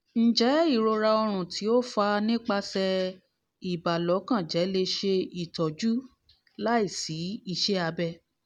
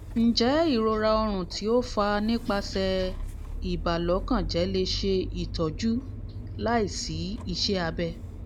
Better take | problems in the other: first | background sound (Engine starting / Motor vehicle (road)); 8 dB below the speech

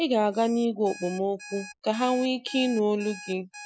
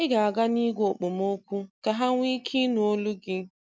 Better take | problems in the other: second | noise reduction (classical method Wiener filter)

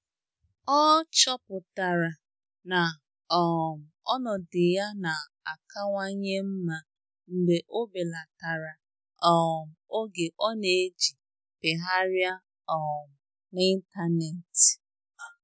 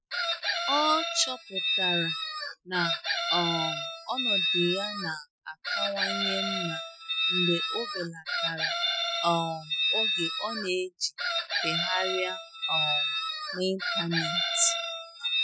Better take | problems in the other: first | noise reduction (classical method Wiener filter)

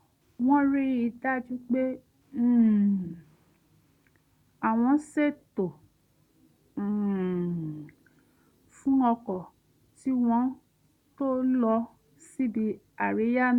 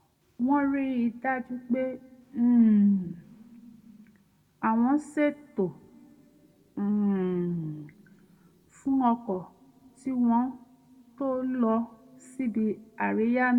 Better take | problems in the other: first | room echo; dies away in 1.6 s

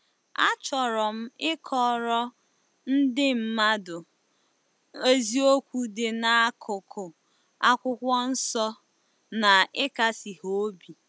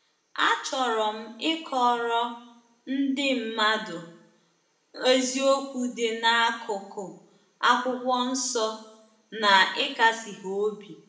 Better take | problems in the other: first | room echo; dies away in 0.6 s

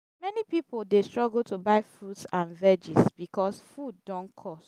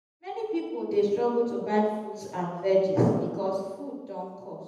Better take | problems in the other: first | room echo; dies away in 0.9 s

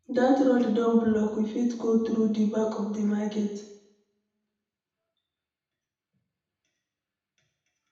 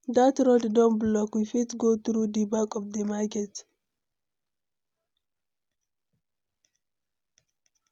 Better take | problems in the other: second | room echo; dies away in 0.9 s

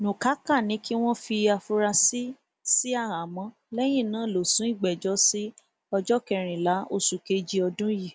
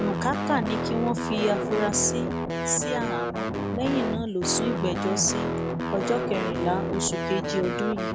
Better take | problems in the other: first | background sound (Guitar); as loud as the speech

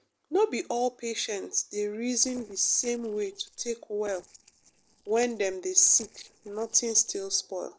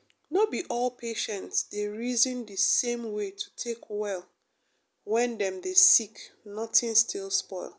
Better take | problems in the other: second | noise reduction (neural separator model SepFormer DNS4)

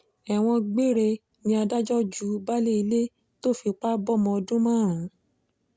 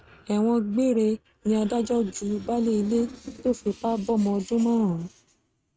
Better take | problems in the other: first | noise reduction (neural mask model RNNoise)

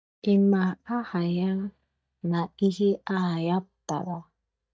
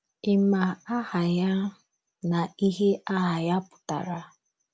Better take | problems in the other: second | noise reduction (neural mask model DeepFilterNet 3)

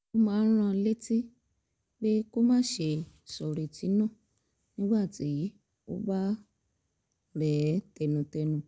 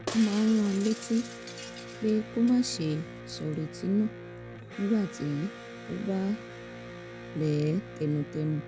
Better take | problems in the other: first | background sound (Shatter + Electric guitar); 12 dB below the speech

